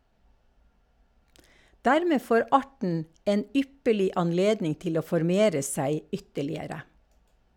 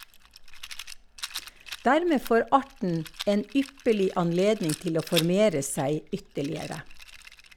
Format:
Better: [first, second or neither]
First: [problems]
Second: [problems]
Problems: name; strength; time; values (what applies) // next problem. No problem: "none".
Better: first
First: none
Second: background sound (Rattle); 14 dB below the speech